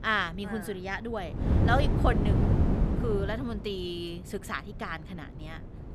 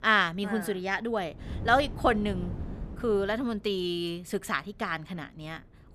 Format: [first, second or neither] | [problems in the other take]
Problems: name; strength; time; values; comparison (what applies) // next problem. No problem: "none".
second | wind noise on the microphone; heavy; 3 dB below the speech; occasional gusts in the second